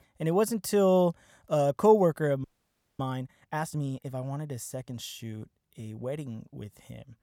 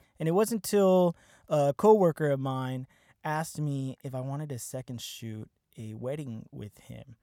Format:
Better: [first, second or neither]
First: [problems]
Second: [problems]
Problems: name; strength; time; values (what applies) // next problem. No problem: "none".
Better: second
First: audio freezing; at 2.5 s for 0.5 s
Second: none